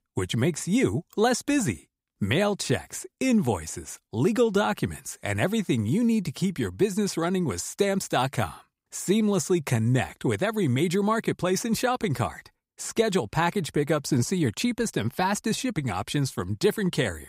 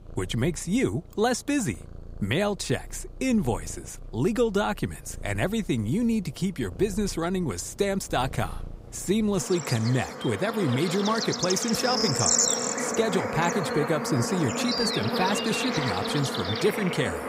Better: first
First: none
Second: animal sounds; loud; throughout; 1 dB below the speech

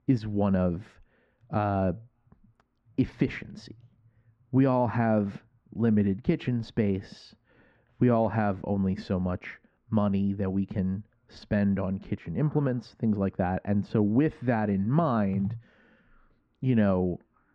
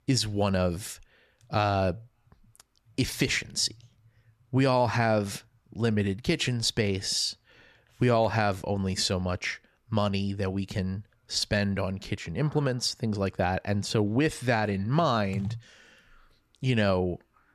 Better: second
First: muffled; very; fading above 1.5 kHz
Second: none

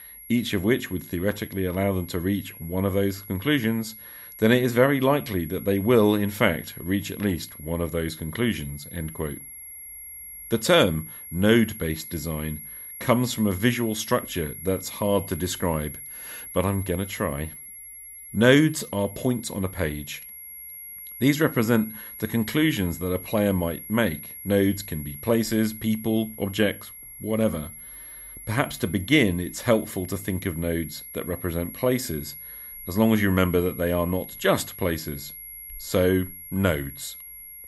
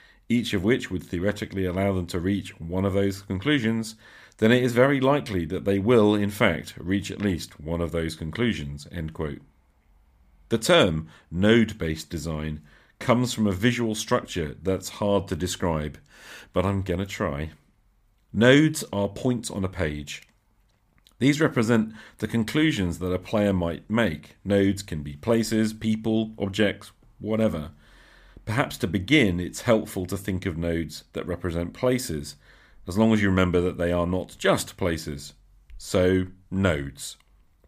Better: second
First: high-pitched whine; noticeable; throughout; 11.5 kHz, 15 dB below the speech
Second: none

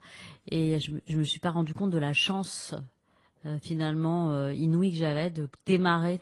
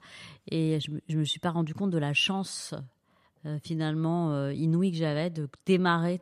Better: second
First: garbled, watery; slightly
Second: none

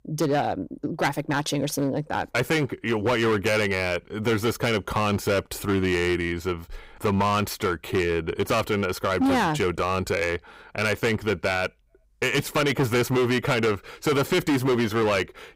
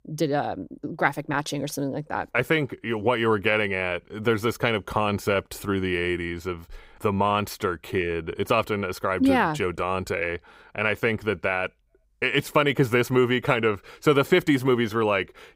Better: second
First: distortion; heavy; 13% of the sound clipped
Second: none

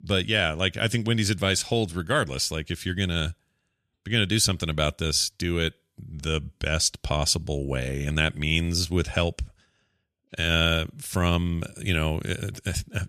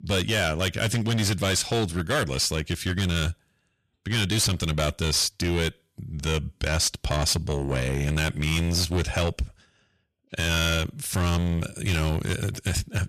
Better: first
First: none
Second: distortion; heavy; 14% of the sound clipped

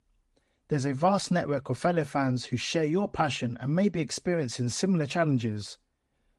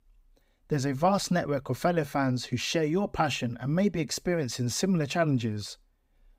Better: second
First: garbled, watery; slightly; nothing above 10.5 kHz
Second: none

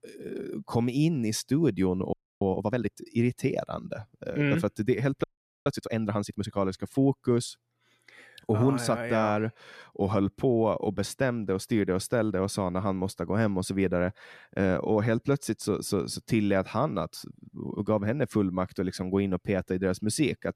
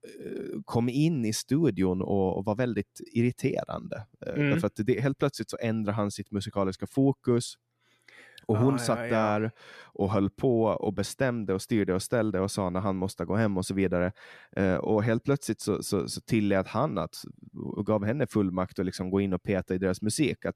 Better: second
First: audio freezing; at 2 s and at 5 s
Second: none

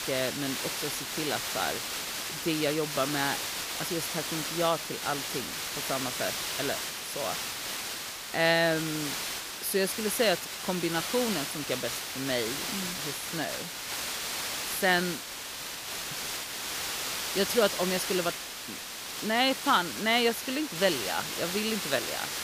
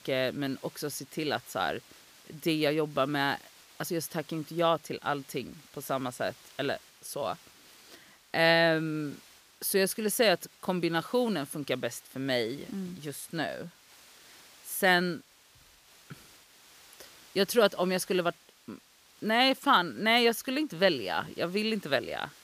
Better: second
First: hiss; loud; throughout; 2 dB below the speech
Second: hiss; faint; throughout; 25 dB below the speech

